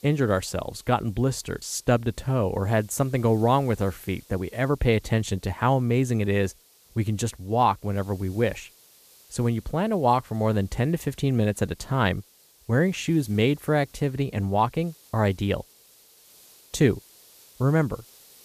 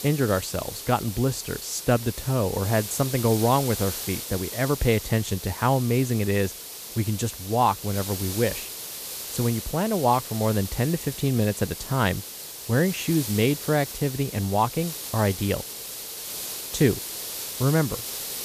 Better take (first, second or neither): first